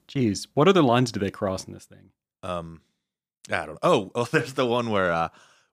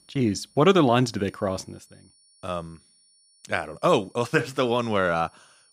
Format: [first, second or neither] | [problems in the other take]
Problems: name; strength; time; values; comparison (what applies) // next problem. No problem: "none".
first | high-pitched whine; faint; throughout; 9.5 kHz, 35 dB below the speech